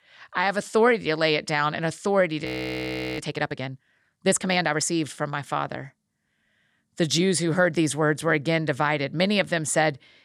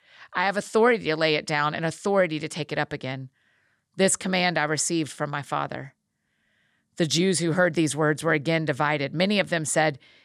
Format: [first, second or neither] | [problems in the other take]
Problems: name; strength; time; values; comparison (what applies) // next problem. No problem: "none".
second | audio freezing; at 2.5 s for 0.5 s